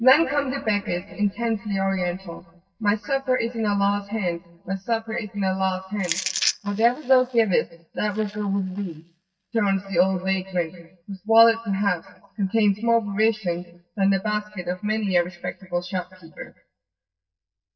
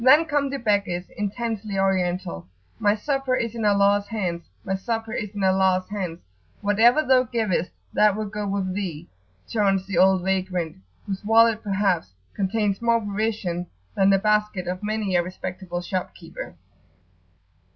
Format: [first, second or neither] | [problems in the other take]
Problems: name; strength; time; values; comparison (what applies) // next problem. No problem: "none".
second | noise reduction (neural mask model DeepFilterNet 3)